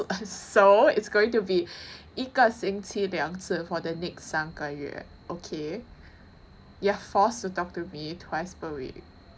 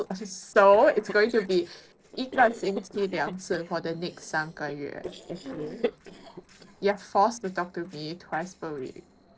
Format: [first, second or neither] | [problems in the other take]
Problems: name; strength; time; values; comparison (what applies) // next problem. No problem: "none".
first | noise reduction (neural separator model SepFormer DNS4)